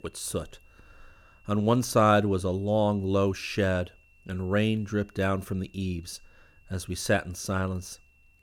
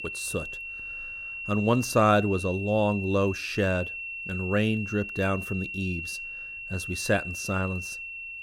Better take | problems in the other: first | high-pitched whine; loud; throughout; 2.5 kHz, 7 dB below the speech; faint in the first

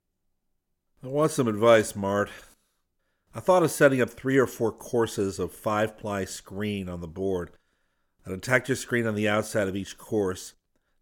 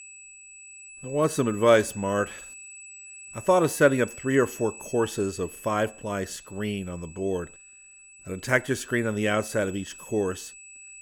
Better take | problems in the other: first | high-pitched whine; noticeable; throughout; 2.5 kHz, 15 dB below the speech

